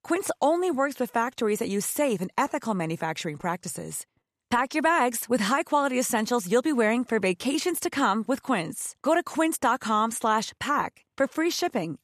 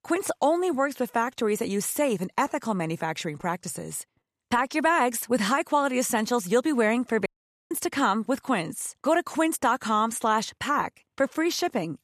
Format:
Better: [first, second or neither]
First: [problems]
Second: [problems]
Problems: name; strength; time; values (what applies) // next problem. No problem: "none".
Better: first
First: none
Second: audio cutting out; at 7.5 s